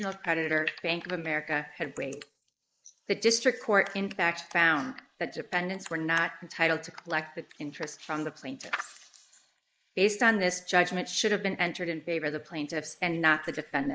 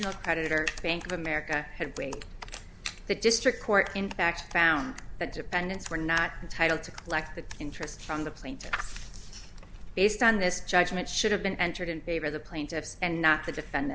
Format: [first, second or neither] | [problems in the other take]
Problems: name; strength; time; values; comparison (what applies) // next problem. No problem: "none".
second | noise reduction (neural mask model Resemble Enhance denoiser)